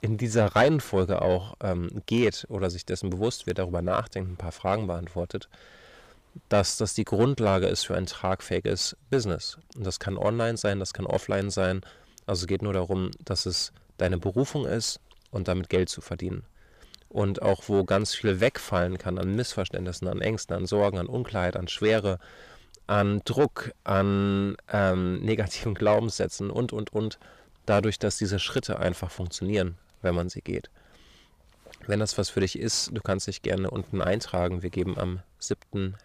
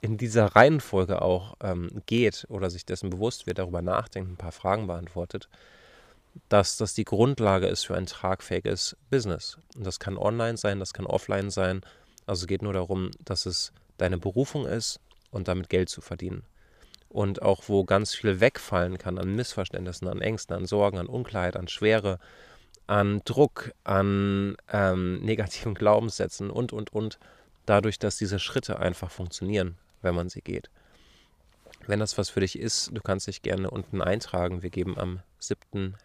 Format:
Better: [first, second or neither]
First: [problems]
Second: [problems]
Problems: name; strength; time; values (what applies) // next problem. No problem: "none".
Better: second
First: distortion; slight; 10 dB below the speech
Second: none